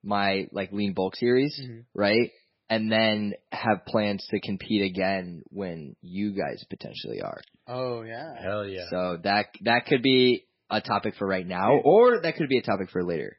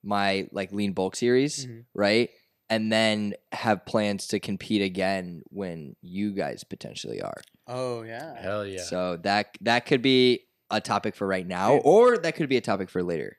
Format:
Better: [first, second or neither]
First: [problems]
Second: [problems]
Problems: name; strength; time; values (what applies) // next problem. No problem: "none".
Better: second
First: garbled, watery; badly; nothing above 5.5 kHz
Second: none